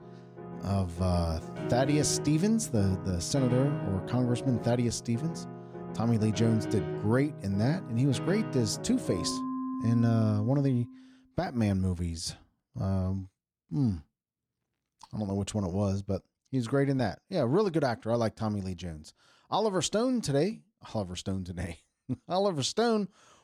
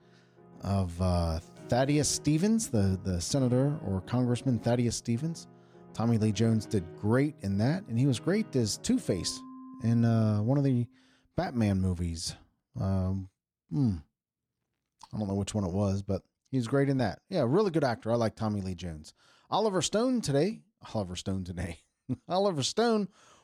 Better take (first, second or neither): second